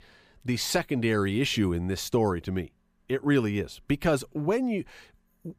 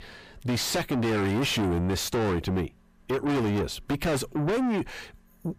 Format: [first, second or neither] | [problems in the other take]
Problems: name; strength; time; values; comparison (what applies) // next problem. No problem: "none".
first | distortion; heavy; 5 dB below the speech